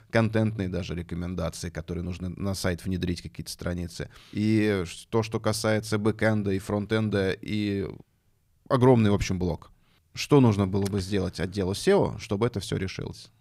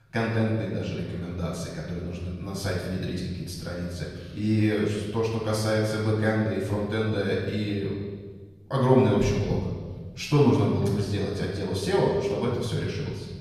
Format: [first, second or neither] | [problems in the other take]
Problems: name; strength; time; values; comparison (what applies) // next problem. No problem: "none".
first | off-mic speech; far // room echo; noticeable; dies away in 1.4 s